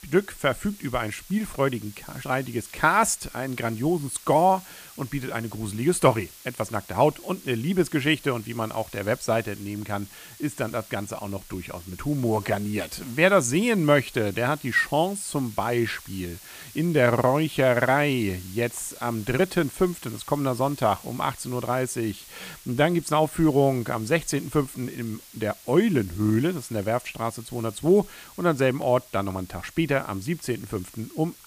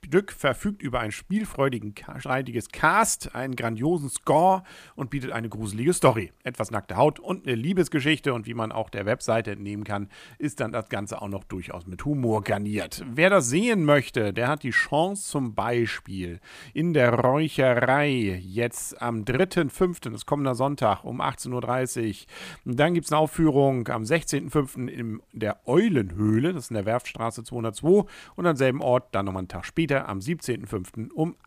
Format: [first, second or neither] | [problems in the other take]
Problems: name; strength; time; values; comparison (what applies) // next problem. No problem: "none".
second | hiss; noticeable; throughout; 20 dB below the speech